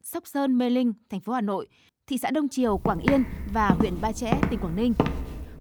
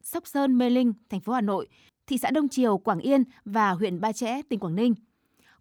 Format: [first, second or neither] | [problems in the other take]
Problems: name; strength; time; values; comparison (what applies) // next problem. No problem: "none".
second | footsteps; loud; from 3 s on; peak level with the speech